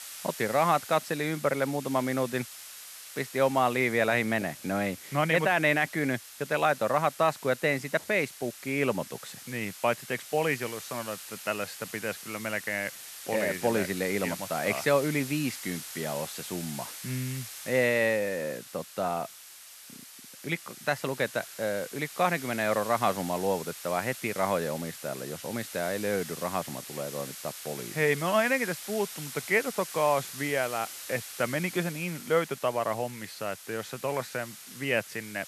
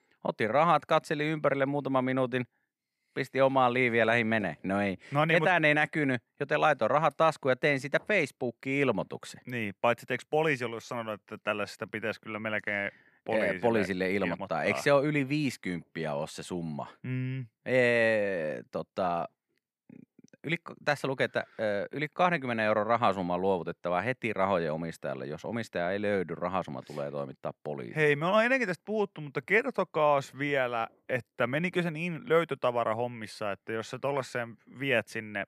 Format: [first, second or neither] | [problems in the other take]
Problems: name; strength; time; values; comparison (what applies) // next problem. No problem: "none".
second | hiss; noticeable; throughout; 10 dB below the speech